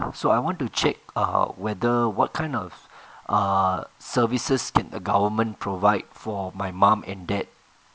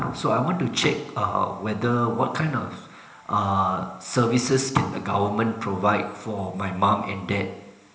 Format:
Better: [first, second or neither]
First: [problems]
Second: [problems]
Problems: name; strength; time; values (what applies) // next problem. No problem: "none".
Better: first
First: none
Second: room echo; dies away in 1 s